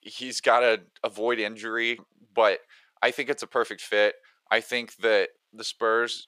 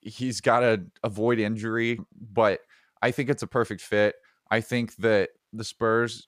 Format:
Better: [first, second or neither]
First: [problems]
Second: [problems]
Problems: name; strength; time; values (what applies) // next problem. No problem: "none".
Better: second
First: thin; somewhat; fading below 500 Hz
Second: none